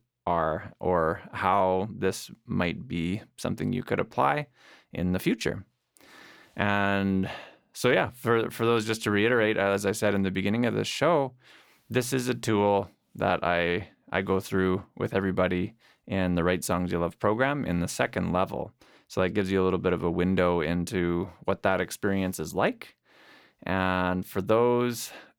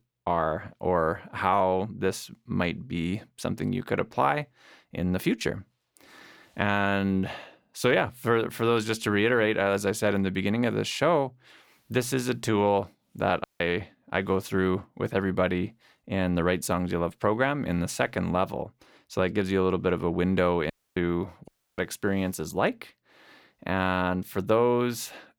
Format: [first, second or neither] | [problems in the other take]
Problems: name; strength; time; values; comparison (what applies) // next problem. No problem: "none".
first | audio cutting out; at 13 s and at 21 s